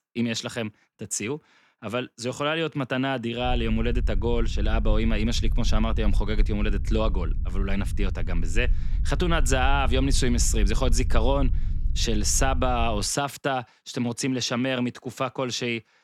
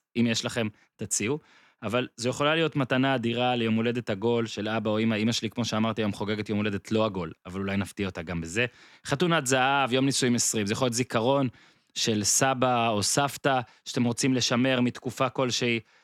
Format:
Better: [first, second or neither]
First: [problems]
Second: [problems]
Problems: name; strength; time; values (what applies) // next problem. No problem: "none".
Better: second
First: low rumble; faint; from 3.5 to 13 s; 20 dB below the speech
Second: none